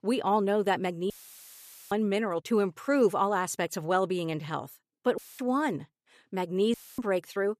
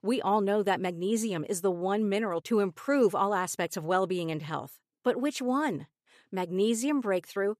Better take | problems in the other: second | audio cutting out; filled with static; at 1 s for 1 s, at 5 s and at 6.5 s

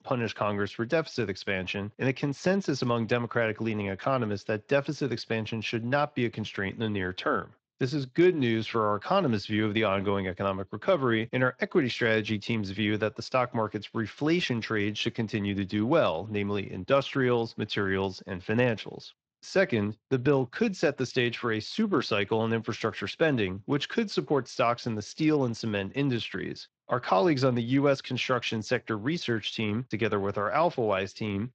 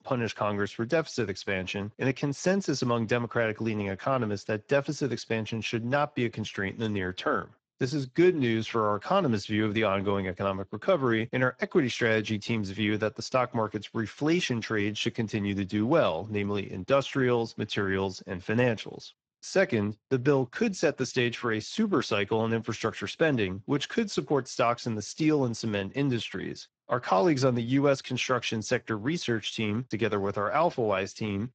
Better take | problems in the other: first | garbled, watery; badly; nothing above 7.5 kHz; slightly in the first

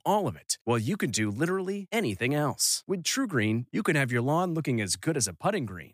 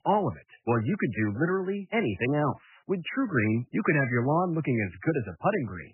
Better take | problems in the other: first | garbled, watery; badly; nothing above 3 kHz

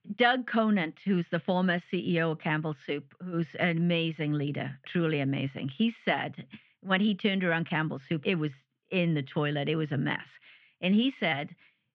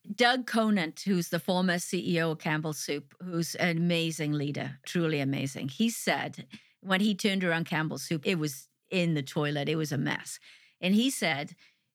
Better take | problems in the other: second | muffled; very; fading above 3 kHz

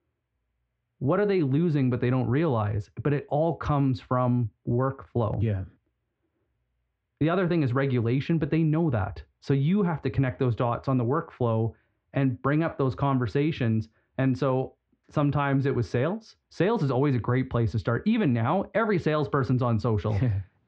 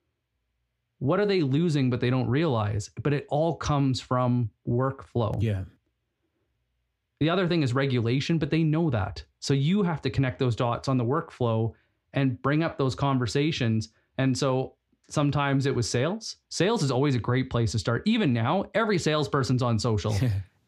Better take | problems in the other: second | muffled; very; fading above 2 kHz

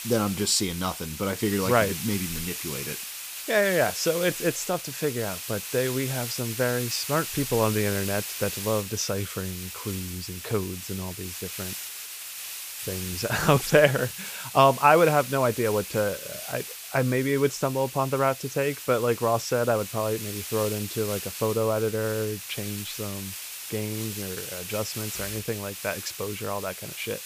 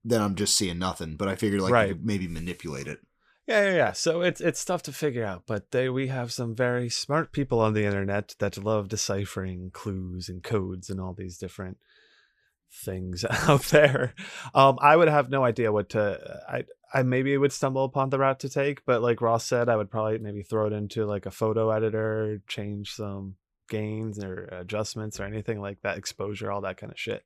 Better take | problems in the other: second | hiss; loud; throughout; 7 dB below the speech

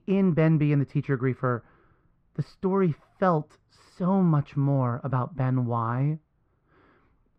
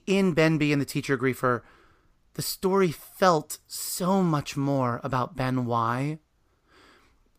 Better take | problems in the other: second | muffled; very; fading above 1.5 kHz

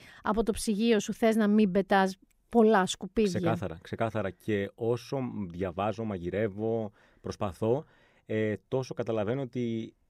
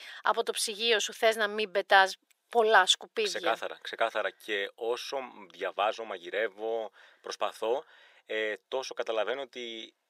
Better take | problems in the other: first | thin; very; fading below 550 Hz

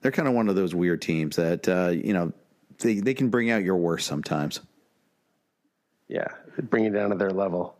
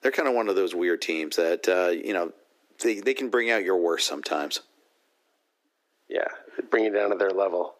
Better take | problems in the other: first | thin; somewhat; fading below 300 Hz

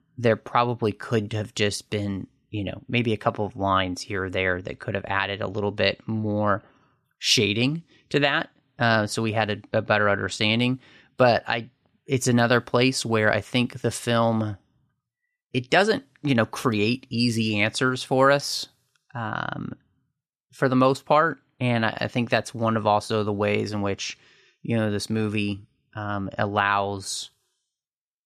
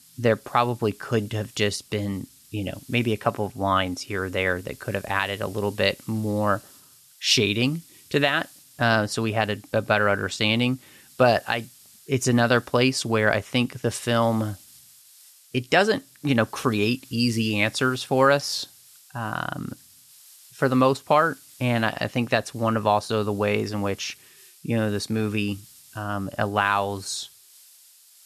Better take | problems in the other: first | hiss; faint; throughout; 25 dB below the speech

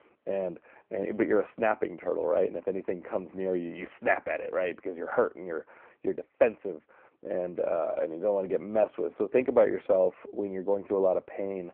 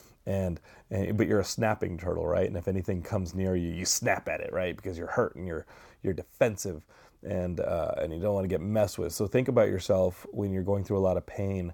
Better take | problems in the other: second | phone-call audio; poor line

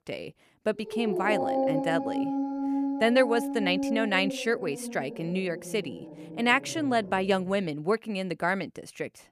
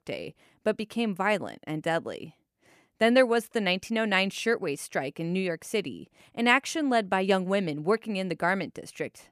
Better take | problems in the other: second | dog barking; loud; from 1 to 7.5 s; peak 1 dB above the speech

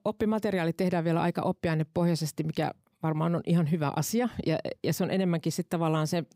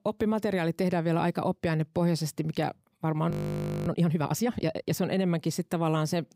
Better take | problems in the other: first | audio freezing; at 3.5 s for 0.5 s

